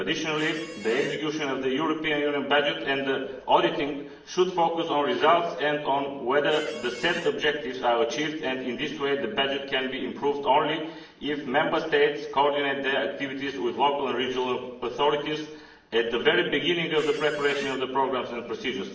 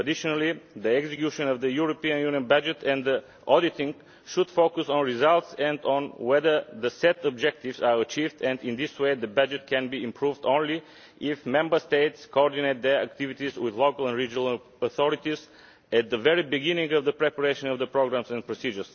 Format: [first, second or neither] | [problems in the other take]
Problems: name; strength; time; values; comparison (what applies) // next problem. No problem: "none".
second | background sound (Squeak); 14 dB below the speech // room echo; dies away in 0.8 s